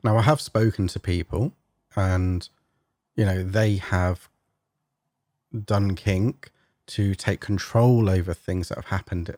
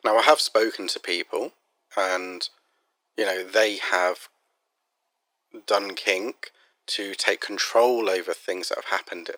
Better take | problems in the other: first | thin; very; fading below 400 Hz

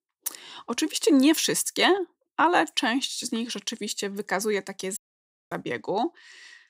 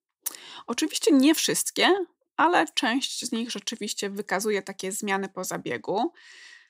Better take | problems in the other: second | audio cutting out; at 5 s for 0.5 s

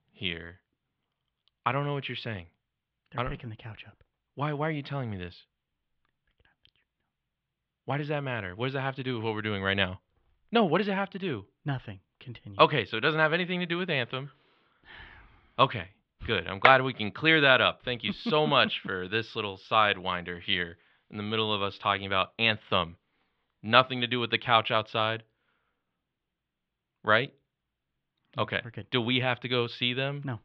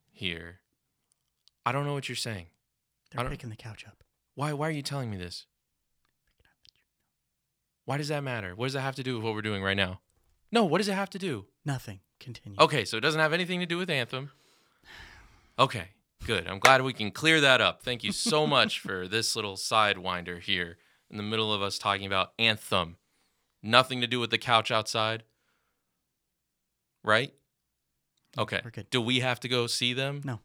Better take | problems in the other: second | muffled; very; fading above 3.5 kHz

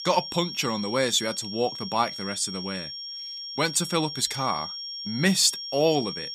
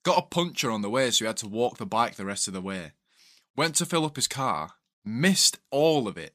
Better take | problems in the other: second | high-pitched whine; loud; throughout; 5.5 kHz, 8 dB below the speech

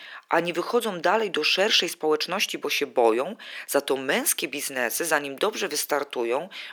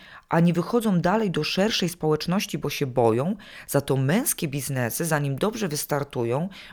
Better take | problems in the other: second | thin; somewhat; fading below 300 Hz

